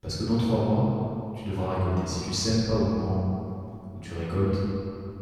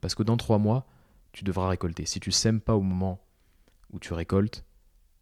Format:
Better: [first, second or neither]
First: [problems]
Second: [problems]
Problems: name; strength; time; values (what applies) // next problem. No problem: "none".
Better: second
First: room echo; strong; dies away in 2.5 s // off-mic speech; far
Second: none